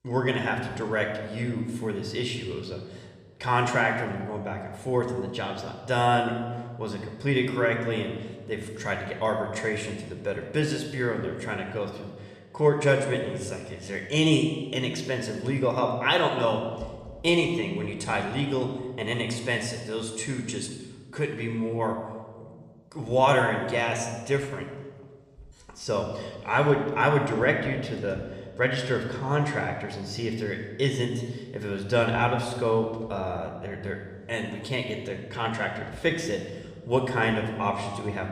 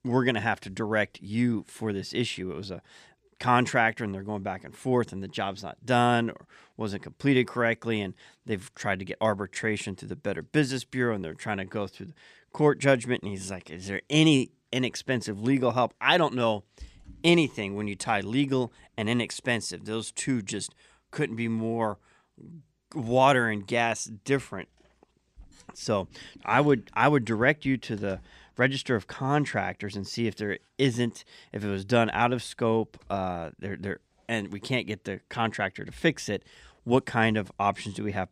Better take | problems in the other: second | room echo; slight; dies away in 1.2 s

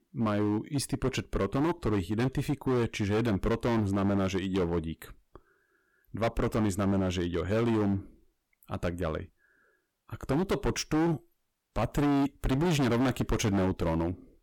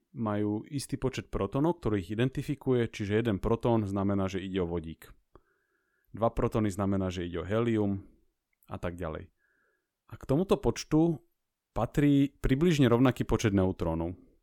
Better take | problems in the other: second | distortion; heavy; 16% of the sound clipped

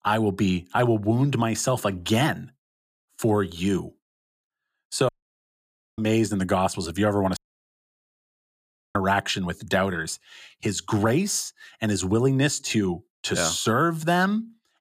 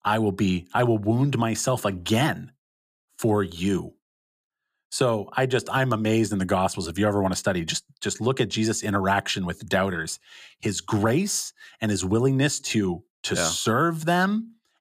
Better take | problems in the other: second | audio cutting out; at 5 s for 1 s and at 7.5 s for 1.5 s

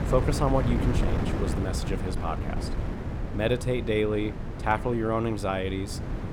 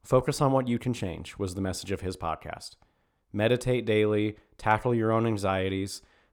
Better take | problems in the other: second | wind noise on the microphone; heavy; 8 dB below the speech

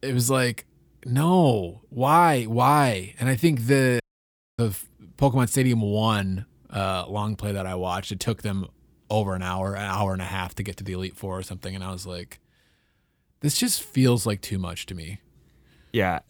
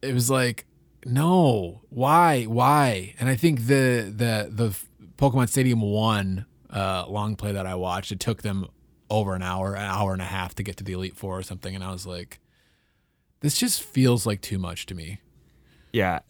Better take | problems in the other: second | audio cutting out; at 4 s for 0.5 s

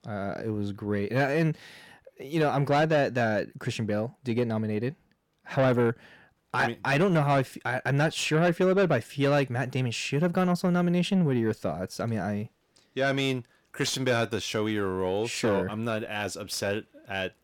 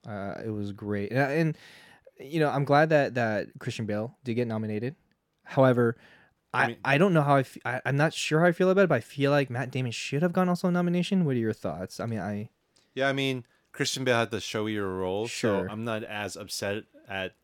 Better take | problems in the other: second | distortion; slight; 10 dB below the speech

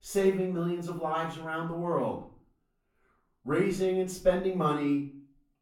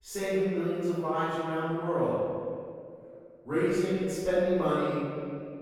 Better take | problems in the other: first | room echo; strong; dies away in 2.1 s; slight in the first // off-mic speech; far; far in the first

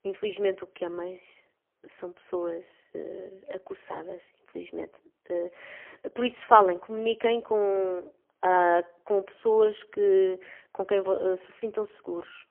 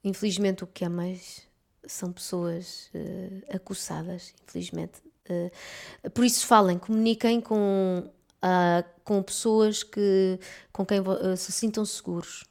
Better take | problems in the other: second | phone-call audio; poor line; nothing above 3 kHz

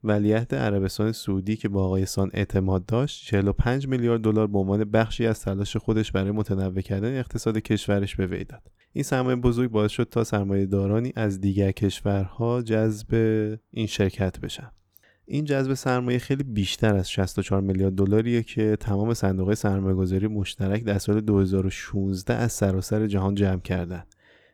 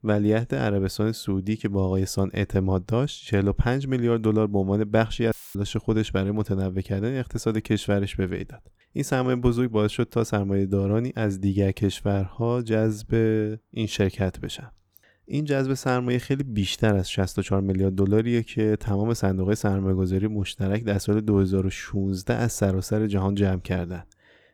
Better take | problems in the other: first | audio cutting out; filled with static; at 5.5 s

